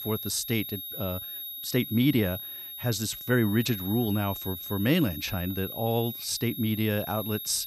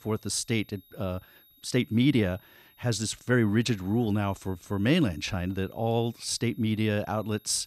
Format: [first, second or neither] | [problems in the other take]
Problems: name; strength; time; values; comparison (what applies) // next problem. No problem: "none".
second | high-pitched whine; loud; throughout; 11.5 kHz, 8 dB below the speech; faint in the second